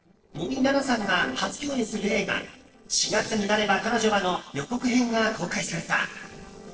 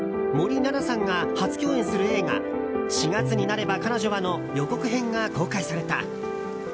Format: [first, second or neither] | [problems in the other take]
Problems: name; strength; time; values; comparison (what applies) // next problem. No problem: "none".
second | noise reduction (neural separator model SepFormer DNS4)